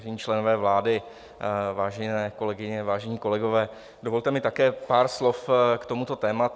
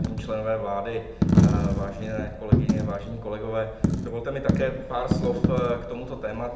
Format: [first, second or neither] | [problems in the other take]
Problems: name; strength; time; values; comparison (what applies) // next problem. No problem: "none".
first | background sound (Coin (dropping)); 4 dB above the speech // room echo; dies away in 0.8 s